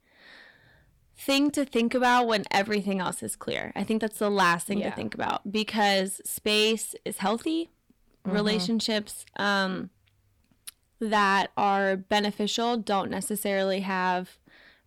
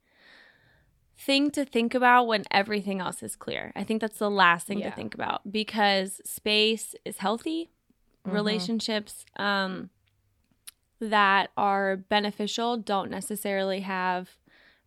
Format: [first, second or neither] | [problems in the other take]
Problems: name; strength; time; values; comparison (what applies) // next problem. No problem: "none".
second | distortion; slight; 10 dB below the speech